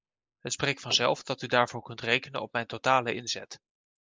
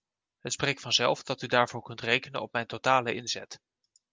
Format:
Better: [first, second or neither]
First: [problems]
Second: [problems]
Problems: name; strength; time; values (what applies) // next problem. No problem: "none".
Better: second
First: noise reduction (neural mask model Resemble Enhance denoiser)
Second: none